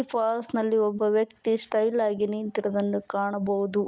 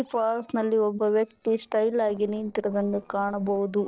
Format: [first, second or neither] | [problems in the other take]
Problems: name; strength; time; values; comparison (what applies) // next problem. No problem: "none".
first | noise reduction (neural separator model SepFormer DNS4)